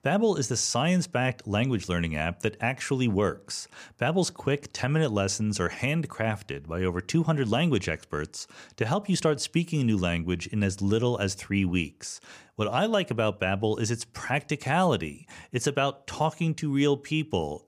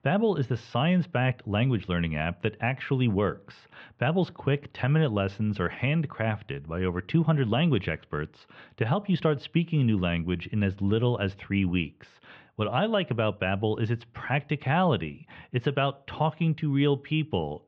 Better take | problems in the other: first | muffled; very; fading above 3.5 kHz

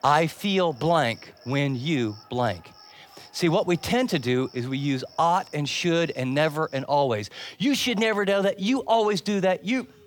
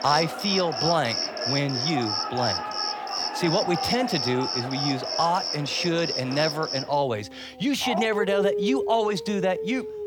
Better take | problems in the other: first | animal sounds; loud; throughout; 2 dB below the speech; faint in the first

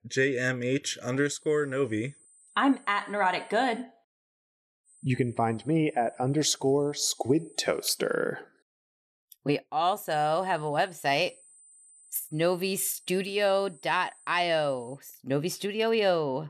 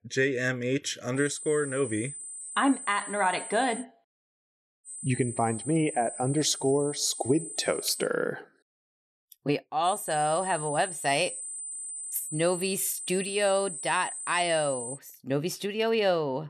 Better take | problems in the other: first | high-pitched whine; loud; from 1 to 4 s, from 5 to 8 s and from 10 to 15 s; 8 kHz, 8 dB below the speech; faint in the first

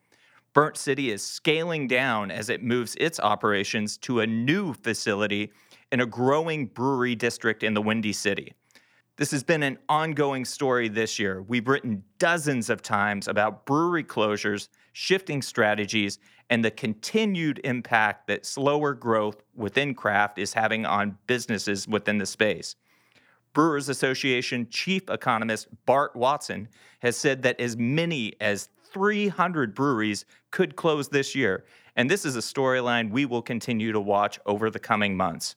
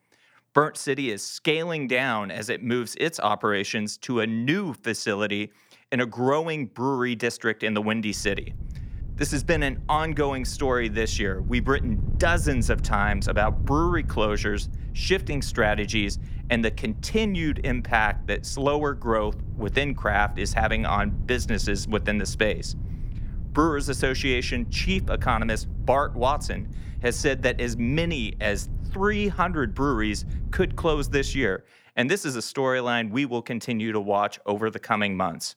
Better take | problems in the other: first | wind noise on the microphone; occasional gusts; from 8 to 31 s; 20 dB below the speech

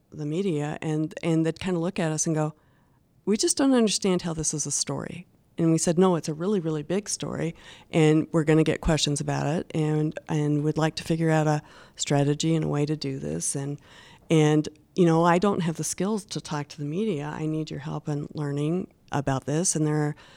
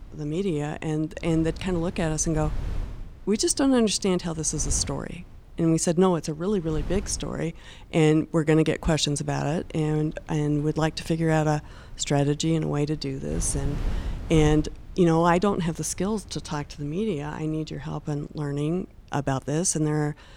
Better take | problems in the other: first | wind noise on the microphone; occasional gusts; 20 dB below the speech

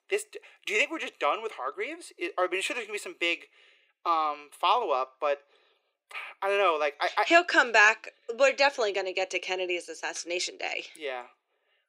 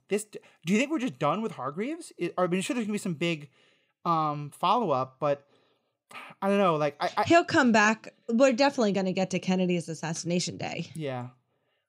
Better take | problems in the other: second | thin; very; fading below 350 Hz

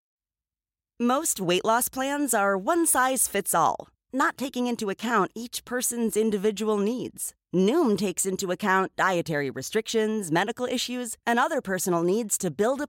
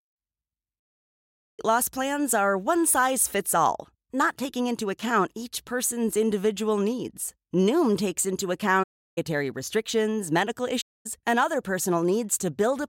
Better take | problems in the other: first | audio cutting out; at 1 s for 1 s, at 9 s and at 11 s

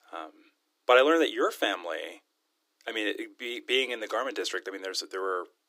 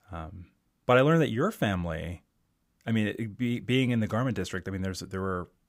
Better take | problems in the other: second | thin; very; fading below 300 Hz

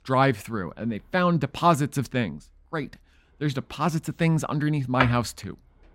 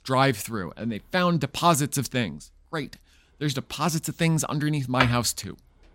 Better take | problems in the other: second | muffled; slightly; fading above 3 kHz

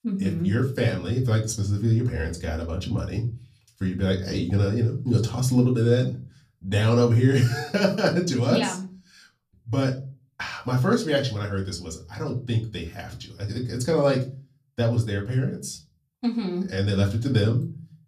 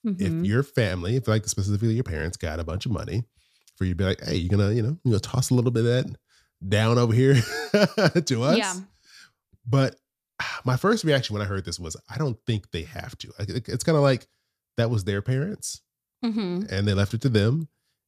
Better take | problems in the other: second | off-mic speech; far // room echo; very slight; dies away in 0.3 s

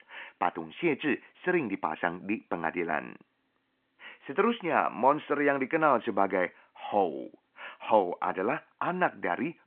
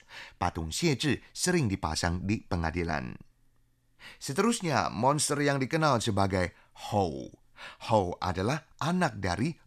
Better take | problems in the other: second | phone-call audio

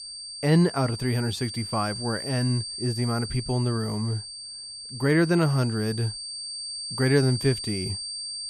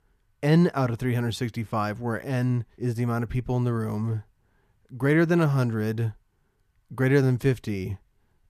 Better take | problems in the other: second | high-pitched whine; loud; throughout; 4.5 kHz, 8 dB below the speech

